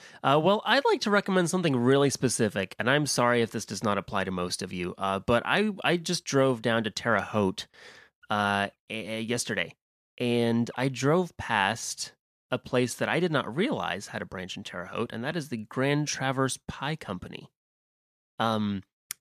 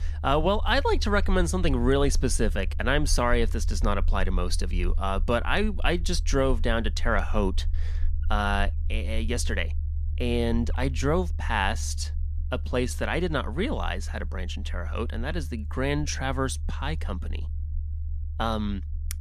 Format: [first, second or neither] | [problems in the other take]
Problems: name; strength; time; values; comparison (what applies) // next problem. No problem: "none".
first | low rumble; faint; throughout; 25 dB below the speech